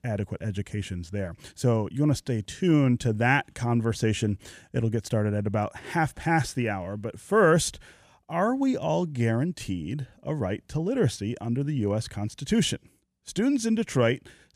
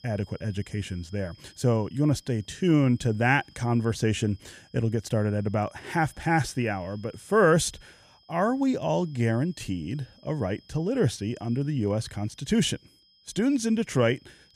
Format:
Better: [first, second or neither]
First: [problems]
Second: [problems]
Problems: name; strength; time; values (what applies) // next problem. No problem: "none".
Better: first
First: none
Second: high-pitched whine; faint; throughout; 5 kHz, 30 dB below the speech